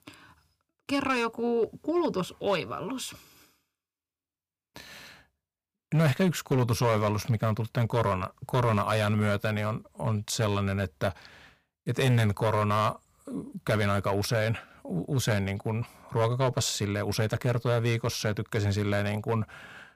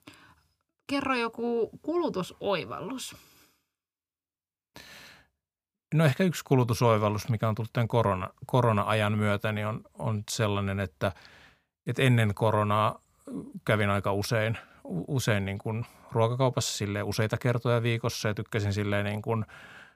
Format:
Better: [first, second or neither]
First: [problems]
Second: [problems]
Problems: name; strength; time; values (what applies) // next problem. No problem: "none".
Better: second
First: distortion; slight; 3% of the sound clipped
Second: none